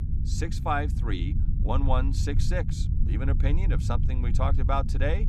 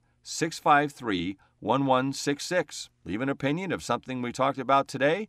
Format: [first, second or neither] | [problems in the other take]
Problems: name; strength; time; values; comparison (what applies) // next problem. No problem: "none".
second | low rumble; noticeable; throughout; 10 dB below the speech